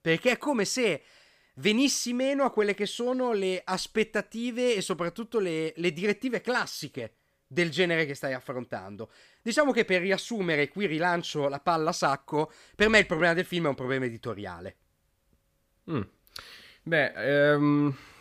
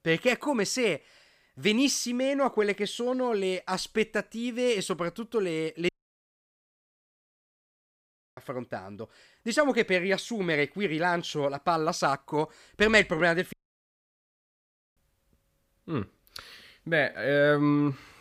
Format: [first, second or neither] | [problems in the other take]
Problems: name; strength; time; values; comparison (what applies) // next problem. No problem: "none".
first | audio cutting out; at 6 s for 2.5 s and at 14 s for 1.5 s